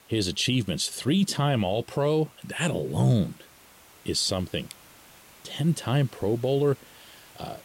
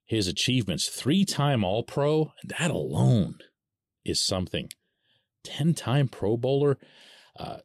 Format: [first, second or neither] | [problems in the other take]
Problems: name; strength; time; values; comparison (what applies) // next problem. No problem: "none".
second | hiss; faint; throughout; 25 dB below the speech